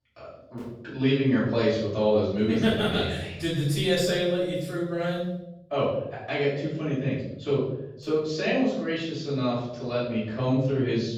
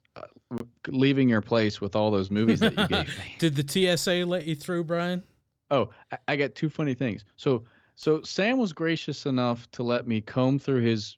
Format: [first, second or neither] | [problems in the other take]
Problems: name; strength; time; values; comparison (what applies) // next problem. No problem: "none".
second | off-mic speech; far // room echo; noticeable; dies away in 0.8 s